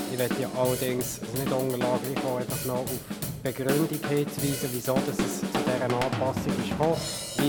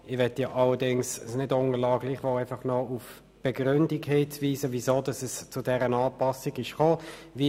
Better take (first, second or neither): second